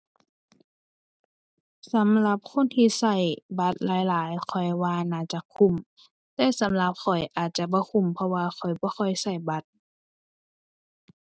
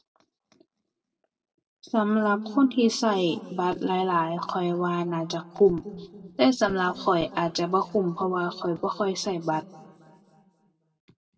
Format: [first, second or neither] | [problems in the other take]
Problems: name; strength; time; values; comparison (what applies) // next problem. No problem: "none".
first | room echo; dies away in 1.6 s